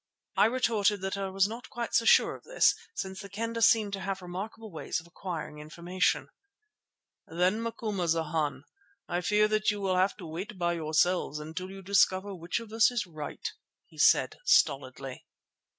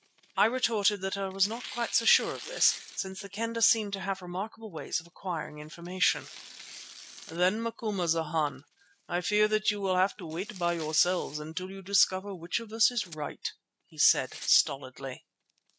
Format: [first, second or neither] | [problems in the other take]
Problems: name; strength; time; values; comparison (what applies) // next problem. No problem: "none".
first | background sound (Tearing); 18 dB below the speech